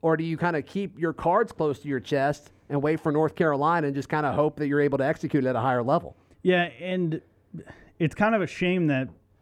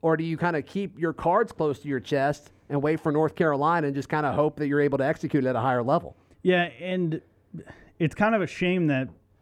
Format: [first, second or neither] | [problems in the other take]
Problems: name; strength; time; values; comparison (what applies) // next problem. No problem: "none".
neither | muffled; slightly; fading above 3 kHz; the same in both